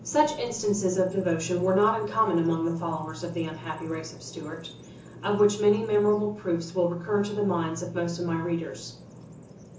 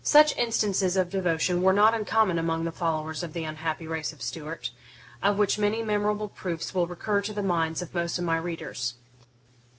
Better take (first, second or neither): second